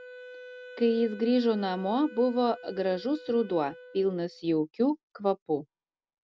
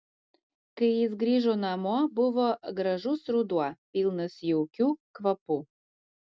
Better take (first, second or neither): second